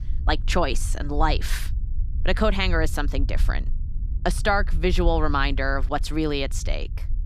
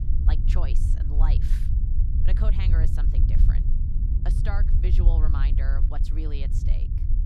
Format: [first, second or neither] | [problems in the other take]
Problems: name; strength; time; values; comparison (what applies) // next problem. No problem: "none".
first | low rumble; loud; throughout; 2 dB below the speech; faint in the first